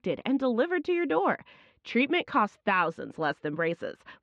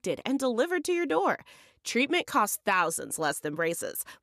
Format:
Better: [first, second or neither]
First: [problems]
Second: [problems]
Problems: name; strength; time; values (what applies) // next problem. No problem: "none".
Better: second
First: muffled; very; fading above 3.5 kHz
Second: none